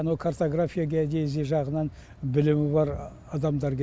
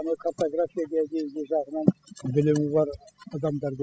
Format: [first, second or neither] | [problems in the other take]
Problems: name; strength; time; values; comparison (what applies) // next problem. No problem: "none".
first | noise reduction (classical method spectral subtraction)